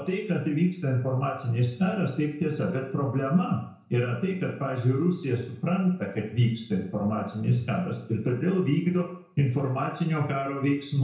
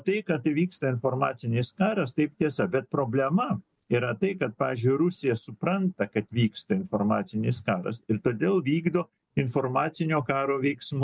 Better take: second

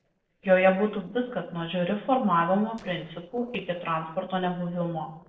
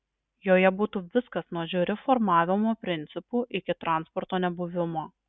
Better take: second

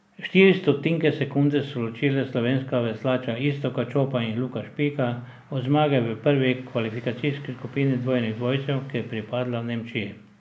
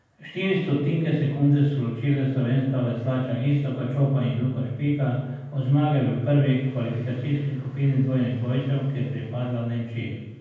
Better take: first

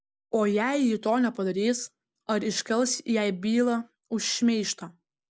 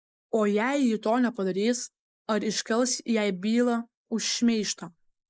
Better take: first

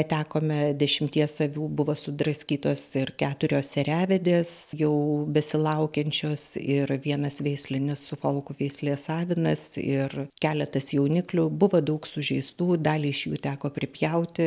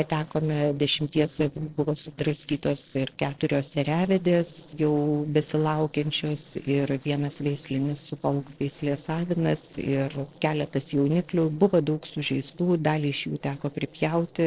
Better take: first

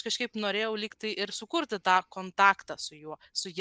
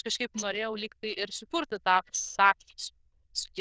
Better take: first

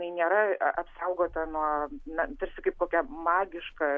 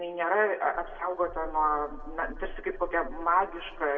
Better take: first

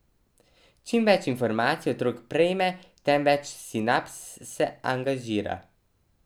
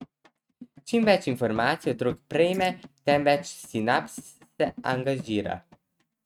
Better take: first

